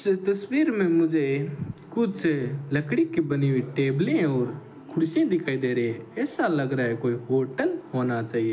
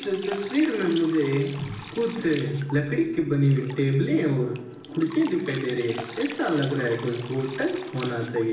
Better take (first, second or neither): first